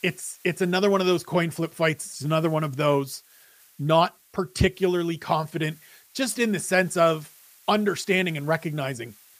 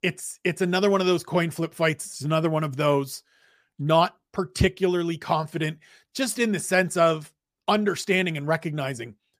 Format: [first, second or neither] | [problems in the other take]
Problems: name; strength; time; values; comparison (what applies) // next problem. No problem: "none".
second | hiss; faint; throughout; 25 dB below the speech